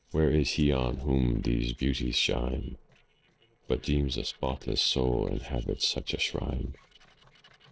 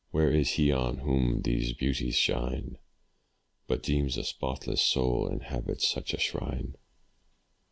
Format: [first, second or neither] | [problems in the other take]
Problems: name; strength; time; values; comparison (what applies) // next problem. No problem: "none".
second | noise reduction (neural separator model SepFormer DNS4)